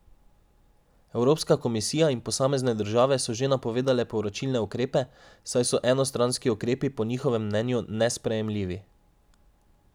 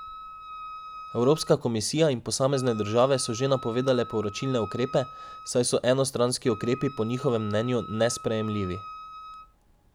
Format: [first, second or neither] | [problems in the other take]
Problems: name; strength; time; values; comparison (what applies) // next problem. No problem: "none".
first | background sound (Wind instrument, woodwind instrument); 15 dB below the speech